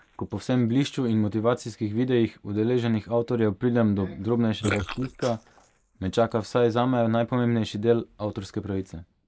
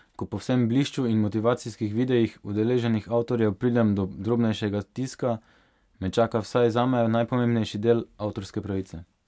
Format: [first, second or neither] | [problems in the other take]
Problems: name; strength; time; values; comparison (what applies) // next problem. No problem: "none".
second | noise reduction (neural mask model Resemble Enhance denoiser)